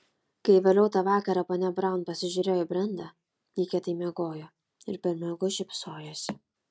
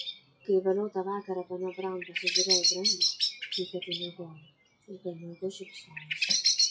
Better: first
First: none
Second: noise reduction (classical method WPE with log-MMSE)

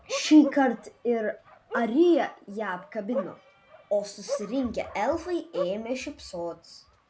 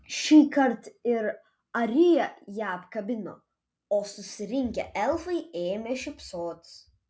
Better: second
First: background sound (Bark); 12 dB below the speech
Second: none

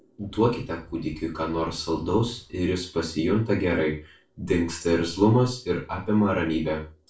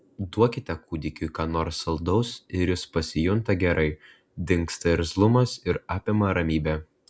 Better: second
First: noise reduction (neural separator model SepFormer DNS4)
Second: none

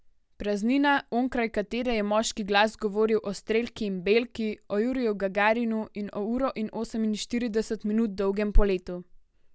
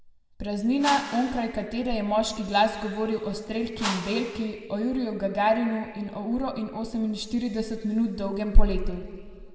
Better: first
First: none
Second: background sound (Whoosh, swoosh, swish); 11 dB below the speech // room echo; dies away in 2.2 s

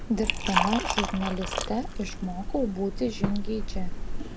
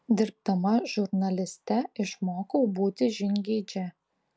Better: second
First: background sound (Liquid); 1 dB above the speech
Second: none

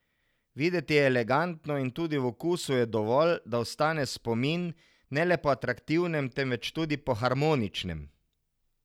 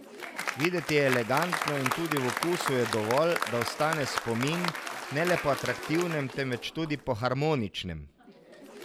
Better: first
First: none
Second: background sound (Applause); 5 dB below the speech

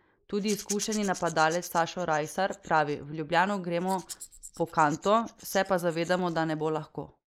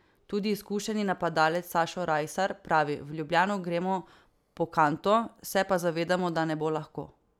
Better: second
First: noise reduction (neural mask model Resemble Enhance denoiser)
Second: none

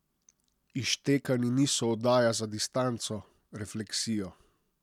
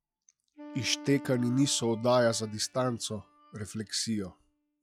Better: first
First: none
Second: noise reduction (classical method log-MMSE)

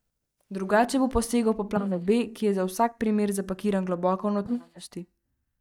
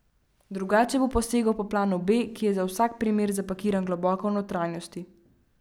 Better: second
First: noise reduction (neural mask model DeepFilterNet 3)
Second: none

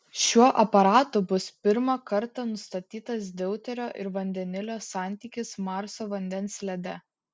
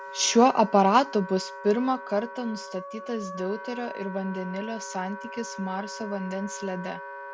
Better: first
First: none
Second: background sound (Wind instrument, woodwind instrument); 12 dB below the speech

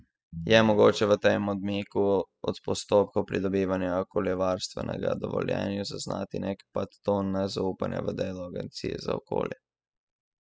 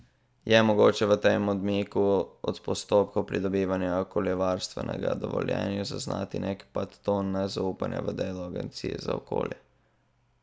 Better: second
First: noise reduction (classical method spectral subtraction)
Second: none

